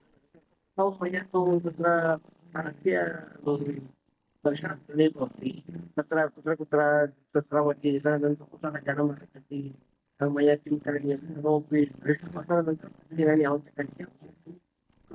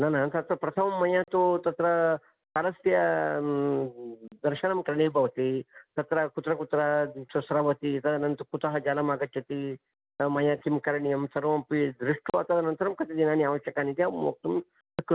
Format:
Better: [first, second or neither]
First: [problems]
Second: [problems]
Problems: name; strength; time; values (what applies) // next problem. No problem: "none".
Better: second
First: noise reduction (neural mask model DeepFilterNet 3)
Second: none